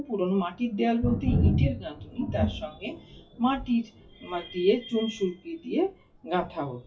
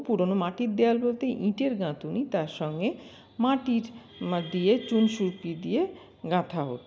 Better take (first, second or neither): second